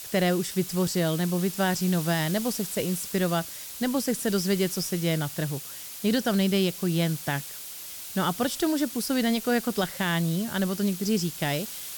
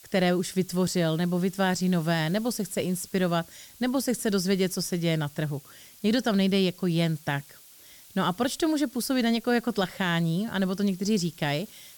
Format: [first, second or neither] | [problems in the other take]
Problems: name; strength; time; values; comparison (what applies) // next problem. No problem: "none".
second | hiss; loud; throughout; 9 dB below the speech; faint in the second